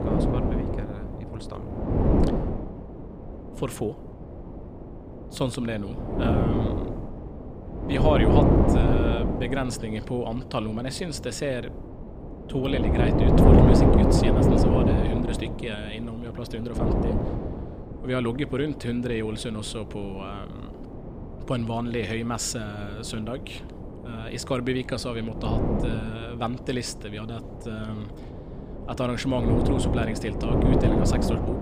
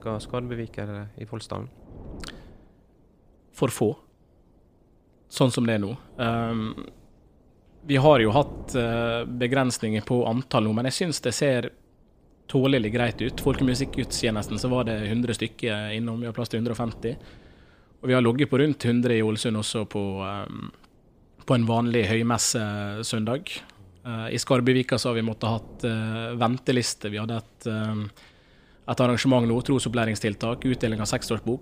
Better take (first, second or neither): second